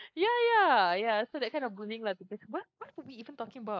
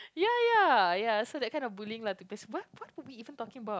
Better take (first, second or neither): second